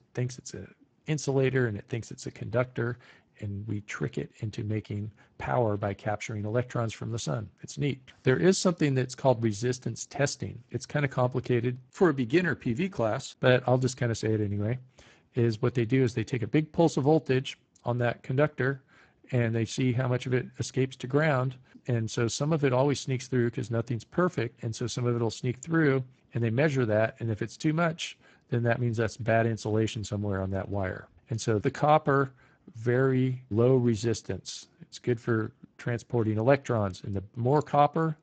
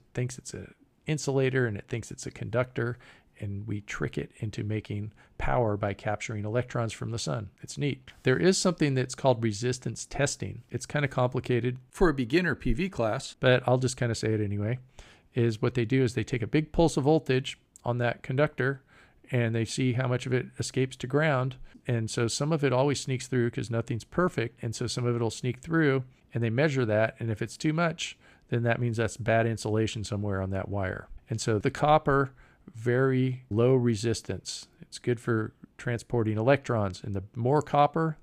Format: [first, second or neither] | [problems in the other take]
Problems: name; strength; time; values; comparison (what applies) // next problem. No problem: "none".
second | garbled, watery; badly; nothing above 8 kHz